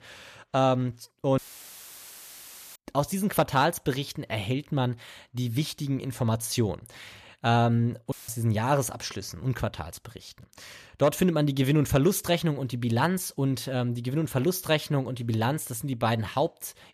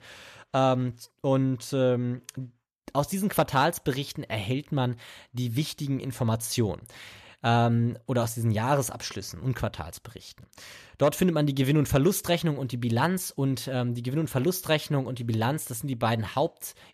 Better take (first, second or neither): second